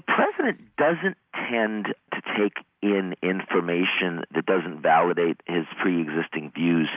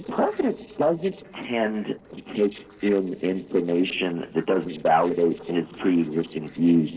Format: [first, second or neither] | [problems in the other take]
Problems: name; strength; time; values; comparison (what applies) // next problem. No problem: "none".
first | noise reduction (neural separator model SepFormer DNS4)